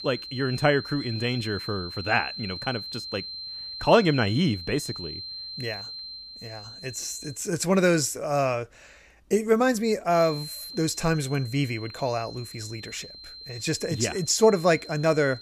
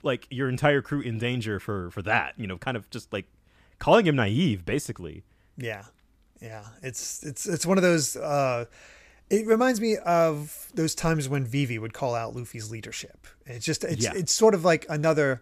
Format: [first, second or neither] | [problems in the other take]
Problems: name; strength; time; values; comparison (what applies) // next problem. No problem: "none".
second | high-pitched whine; noticeable; until 7.5 s and from 10 s on; 4 kHz, 10 dB below the speech